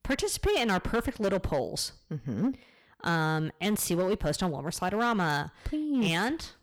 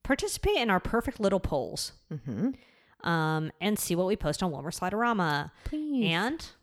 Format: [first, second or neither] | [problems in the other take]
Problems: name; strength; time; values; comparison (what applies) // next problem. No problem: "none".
second | distortion; slight; 8% of the sound clipped